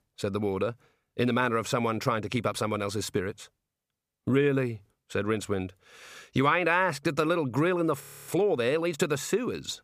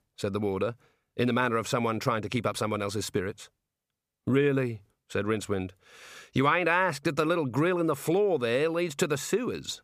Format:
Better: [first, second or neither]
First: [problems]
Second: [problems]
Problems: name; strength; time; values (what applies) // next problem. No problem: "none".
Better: second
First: audio freezing; at 8 s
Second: none